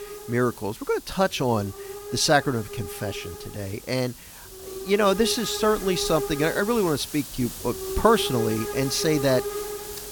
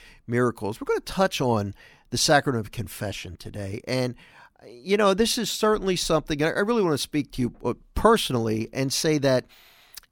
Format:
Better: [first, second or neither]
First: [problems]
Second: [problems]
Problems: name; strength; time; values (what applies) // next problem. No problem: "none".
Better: second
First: hiss; loud; throughout; 9 dB below the speech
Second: none